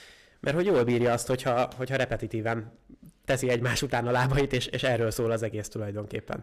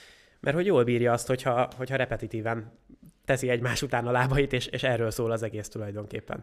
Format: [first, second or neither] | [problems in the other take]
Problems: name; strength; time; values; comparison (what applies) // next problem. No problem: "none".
second | distortion; slight; 6% of the sound clipped